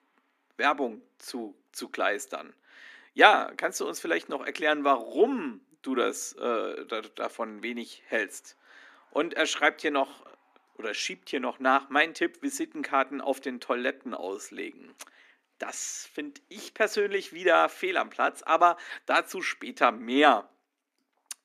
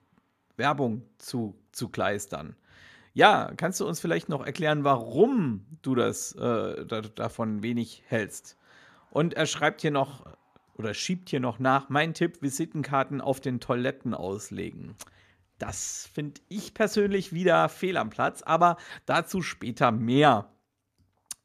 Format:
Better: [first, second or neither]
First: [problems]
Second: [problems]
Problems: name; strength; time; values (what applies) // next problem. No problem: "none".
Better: second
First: thin; very slightly; fading below 250 Hz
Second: none